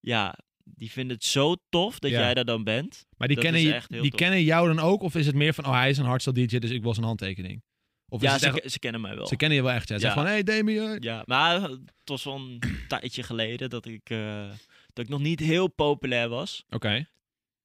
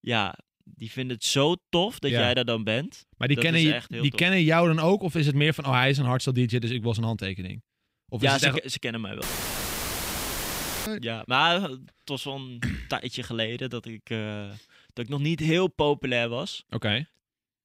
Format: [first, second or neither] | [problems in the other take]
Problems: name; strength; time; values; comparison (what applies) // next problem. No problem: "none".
first | audio cutting out; filled with static; at 9 s for 1.5 s